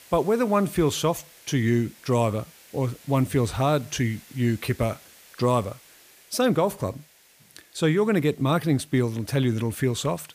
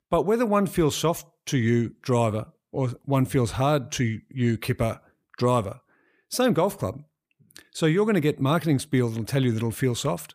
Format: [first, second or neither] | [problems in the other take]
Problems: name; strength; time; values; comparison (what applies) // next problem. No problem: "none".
second | hiss; faint; throughout; 25 dB below the speech